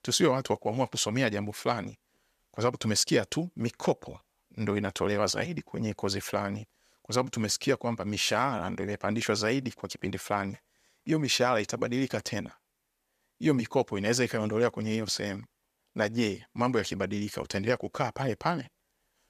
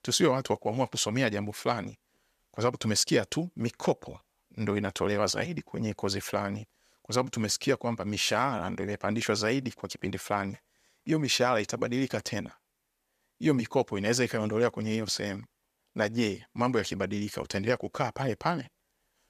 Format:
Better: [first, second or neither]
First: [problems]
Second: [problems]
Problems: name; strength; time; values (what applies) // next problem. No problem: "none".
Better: neither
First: none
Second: none